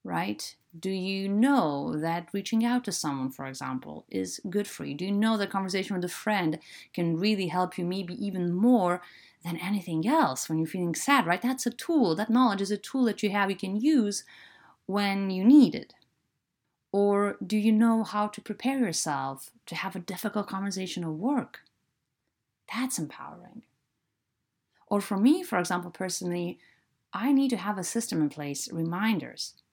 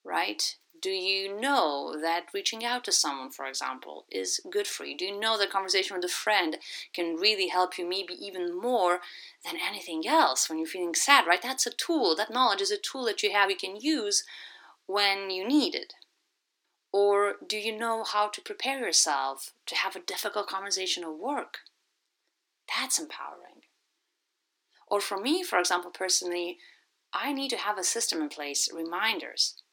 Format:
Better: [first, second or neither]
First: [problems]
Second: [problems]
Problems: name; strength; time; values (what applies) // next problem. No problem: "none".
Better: first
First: none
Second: thin; very; fading below 350 Hz